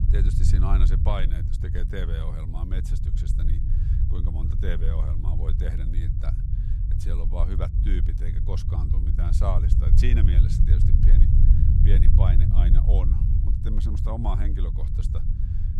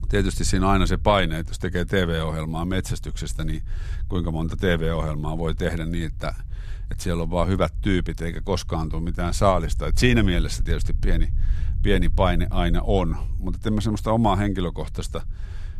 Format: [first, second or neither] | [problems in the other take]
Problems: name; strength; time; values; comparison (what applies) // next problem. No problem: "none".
second | low rumble; loud; throughout; 2 dB below the speech; faint in the second